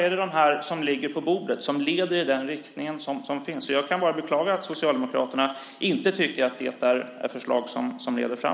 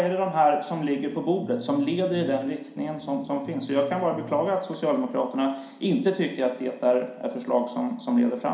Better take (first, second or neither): first